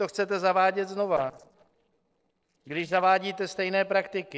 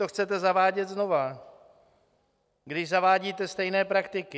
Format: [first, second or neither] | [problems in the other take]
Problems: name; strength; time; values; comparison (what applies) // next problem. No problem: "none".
second | noise reduction (neural separator model SepFormer DNS4)